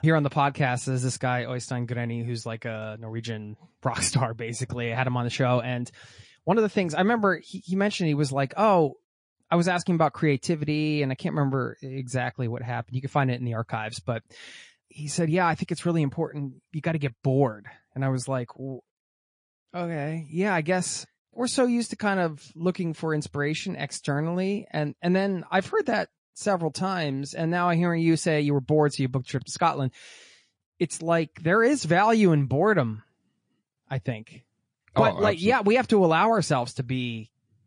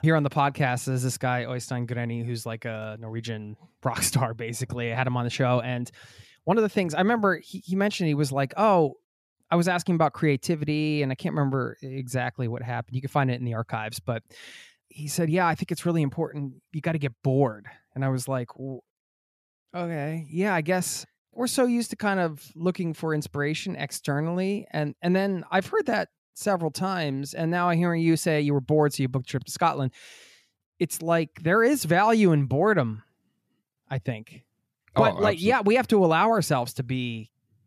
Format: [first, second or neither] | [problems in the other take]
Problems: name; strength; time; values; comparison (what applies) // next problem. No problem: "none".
second | garbled, watery; slightly; nothing above 10 kHz